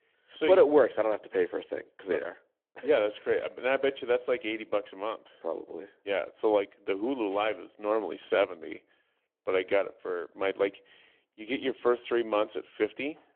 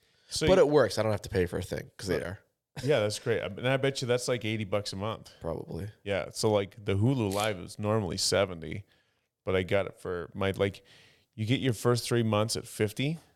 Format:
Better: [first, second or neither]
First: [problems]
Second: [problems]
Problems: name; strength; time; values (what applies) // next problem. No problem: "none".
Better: second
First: phone-call audio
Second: none